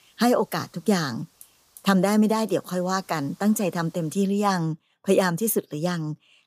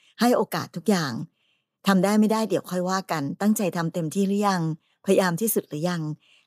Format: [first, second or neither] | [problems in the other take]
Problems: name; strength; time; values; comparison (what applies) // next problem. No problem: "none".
second | hiss; faint; until 4 s; 30 dB below the speech